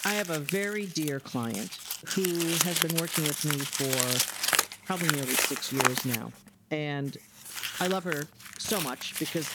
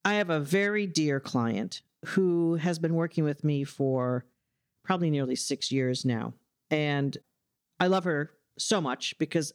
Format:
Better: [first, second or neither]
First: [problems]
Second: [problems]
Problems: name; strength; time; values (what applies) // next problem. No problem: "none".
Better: second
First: household noises; very loud; throughout; 3 dB above the speech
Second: none